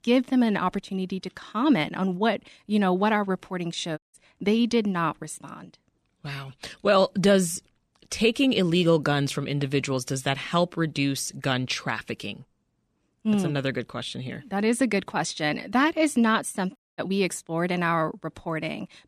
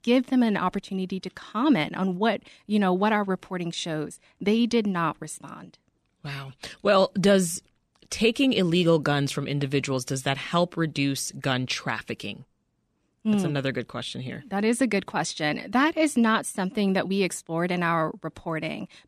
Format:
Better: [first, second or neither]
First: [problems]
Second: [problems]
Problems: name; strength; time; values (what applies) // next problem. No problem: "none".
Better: second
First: audio cutting out; at 4 s and at 17 s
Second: none